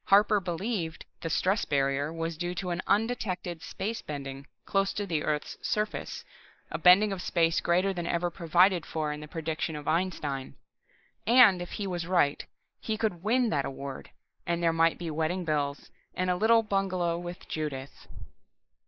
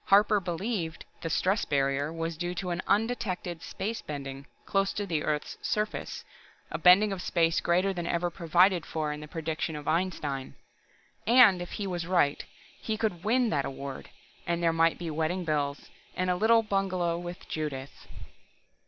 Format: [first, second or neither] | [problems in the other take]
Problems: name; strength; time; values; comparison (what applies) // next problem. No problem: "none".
second | noise reduction (neural mask model Resemble Enhance denoiser)